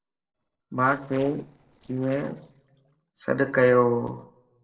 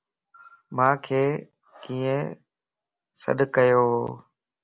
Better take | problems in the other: second | noise reduction (neural separator model SepFormer DNS4)

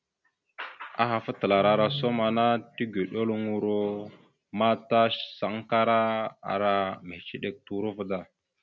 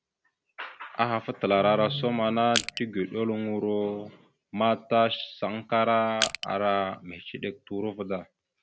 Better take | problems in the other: first | background sound (Crushing); 4 dB below the speech

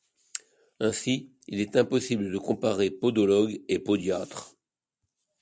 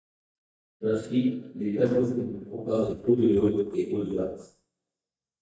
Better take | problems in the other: first | noise reduction (neural mask model DeepFilterNet 3)

